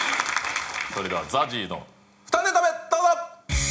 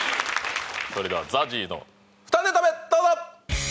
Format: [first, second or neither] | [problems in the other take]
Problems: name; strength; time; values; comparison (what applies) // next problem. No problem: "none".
second | room echo; dies away in 0.4 s